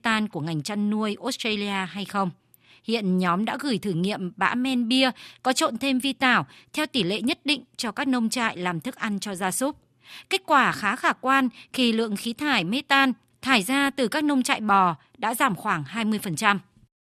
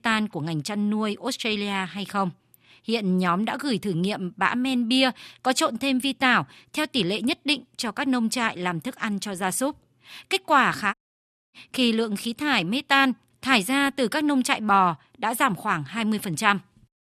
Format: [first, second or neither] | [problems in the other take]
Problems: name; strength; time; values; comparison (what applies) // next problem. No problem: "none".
first | audio cutting out; at 11 s for 0.5 s